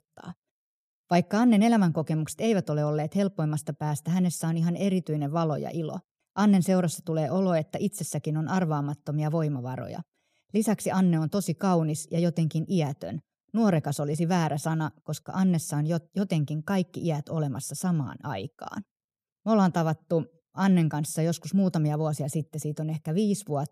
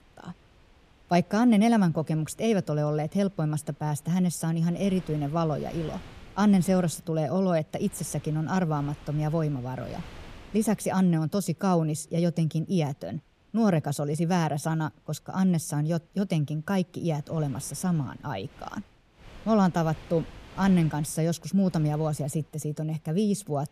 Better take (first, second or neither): first